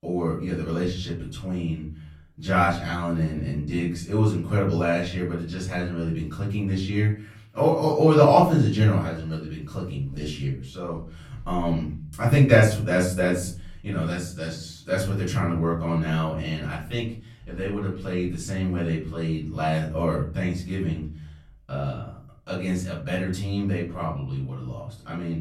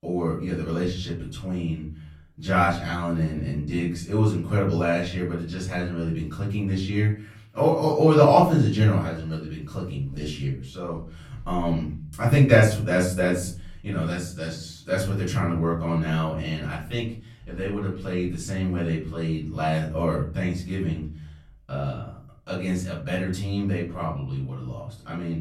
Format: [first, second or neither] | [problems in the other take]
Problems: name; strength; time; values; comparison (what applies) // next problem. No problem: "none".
neither | room echo; slight; dies away in 0.5 s; the same in both // off-mic speech; far; the same in both